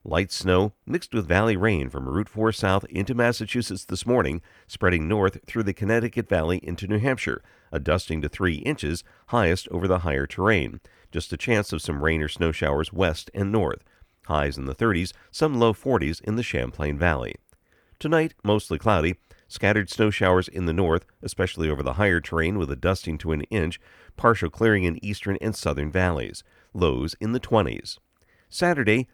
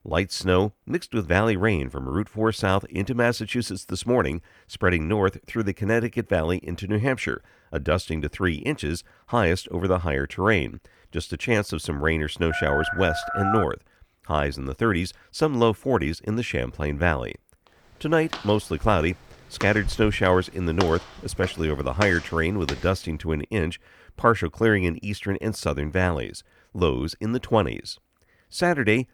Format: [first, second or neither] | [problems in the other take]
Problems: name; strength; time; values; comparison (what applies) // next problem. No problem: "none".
first | phone ringing; noticeable; from 13 to 14 s; peak 1 dB below the speech // footsteps; noticeable; from 18 to 23 s; peak 7 dB below the speech